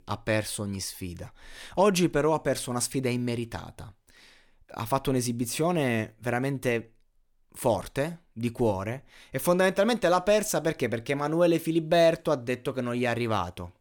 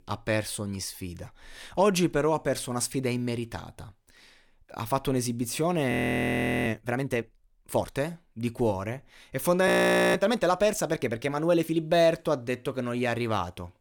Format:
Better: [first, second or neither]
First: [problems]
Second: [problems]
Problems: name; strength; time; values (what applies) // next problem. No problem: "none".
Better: first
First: none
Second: audio freezing; at 6 s for 0.5 s and at 9.5 s